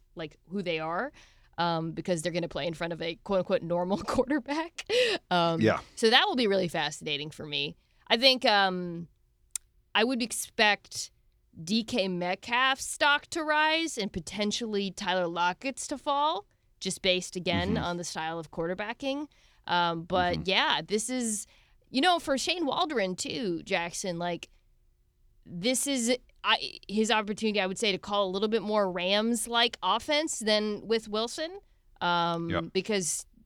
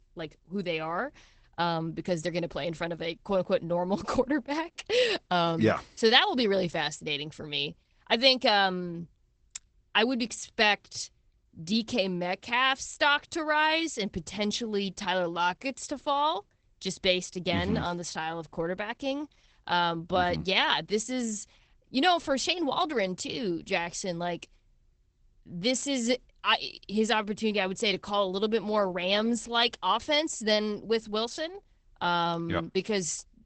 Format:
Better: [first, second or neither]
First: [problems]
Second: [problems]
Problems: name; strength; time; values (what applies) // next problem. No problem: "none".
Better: first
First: none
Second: garbled, watery; badly; nothing above 8 kHz